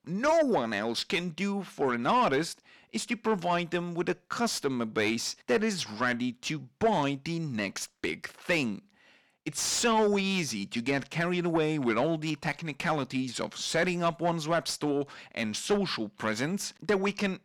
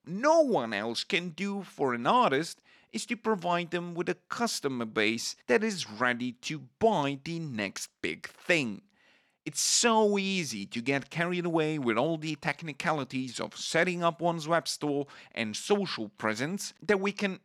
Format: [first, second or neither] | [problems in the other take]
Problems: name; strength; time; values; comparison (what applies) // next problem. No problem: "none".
second | distortion; slight; 10 dB below the speech